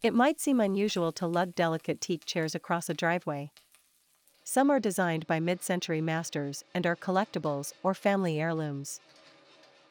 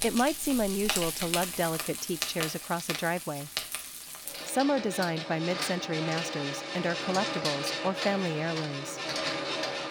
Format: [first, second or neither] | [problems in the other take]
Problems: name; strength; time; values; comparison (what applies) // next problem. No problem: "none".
first | household noises; loud; throughout; 2 dB below the speech; faint in the first